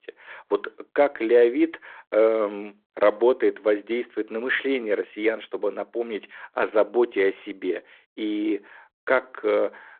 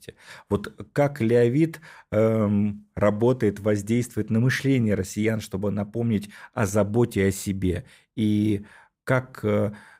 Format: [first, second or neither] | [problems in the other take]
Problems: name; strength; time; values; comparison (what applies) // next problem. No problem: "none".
second | phone-call audio